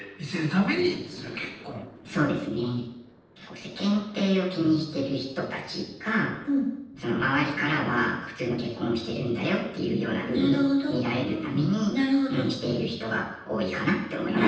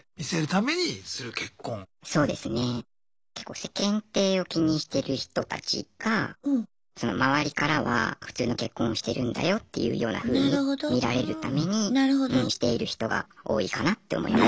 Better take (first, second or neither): second